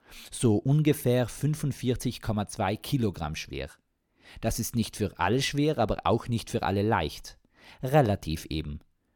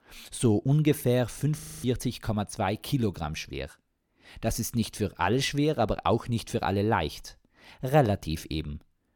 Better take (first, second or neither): first